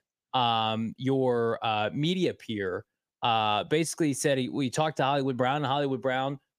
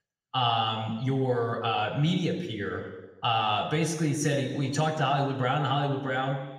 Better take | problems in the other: first | room echo; slight; dies away in 1.1 s // off-mic speech; somewhat distant

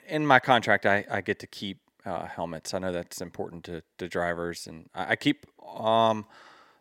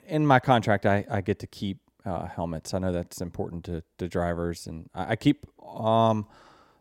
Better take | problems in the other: second | thin; very slightly; fading below 350 Hz

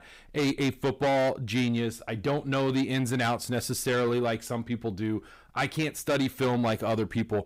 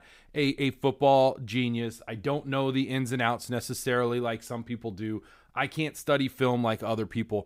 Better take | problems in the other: second | distortion; heavy; 8 dB below the speech

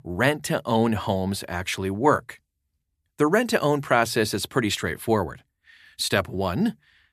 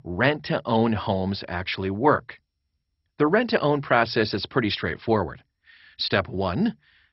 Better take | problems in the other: first | garbled, watery; badly; nothing above 5.5 kHz

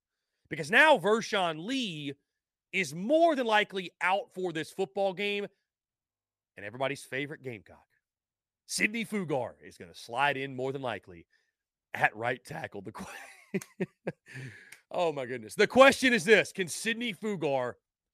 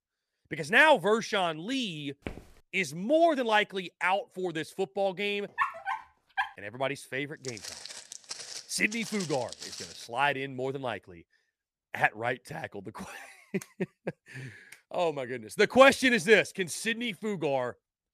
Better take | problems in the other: first | footsteps; faint; at 2.5 s and from 7.5 to 10 s; peak 10 dB below the speech // dog barking; noticeable; at 5.5 s; peak 3 dB below the speech

